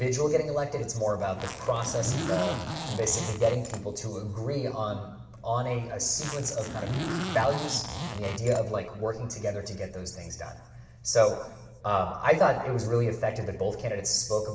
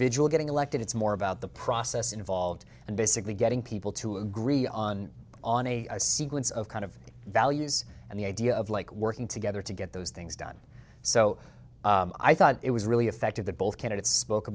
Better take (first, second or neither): second